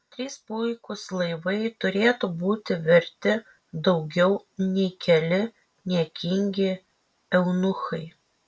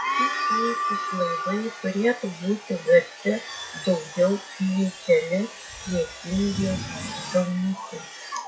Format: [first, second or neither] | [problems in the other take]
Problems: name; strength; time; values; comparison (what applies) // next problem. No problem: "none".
first | noise reduction (classical method WPE with log-MMSE)